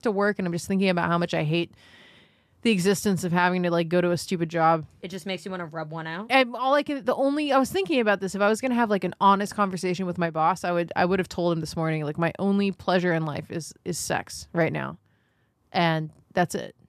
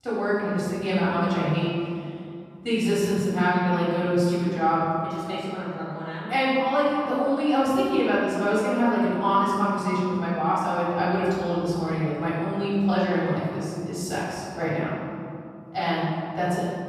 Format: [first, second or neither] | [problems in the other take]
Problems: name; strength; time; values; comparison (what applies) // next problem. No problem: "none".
first | room echo; strong; dies away in 2.5 s // off-mic speech; far